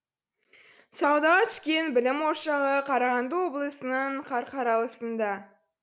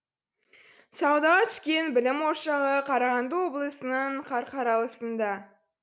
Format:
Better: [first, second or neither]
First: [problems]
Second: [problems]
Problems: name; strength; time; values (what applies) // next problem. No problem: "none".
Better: second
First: background sound (Bowed string instrument); 20 dB below the speech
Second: none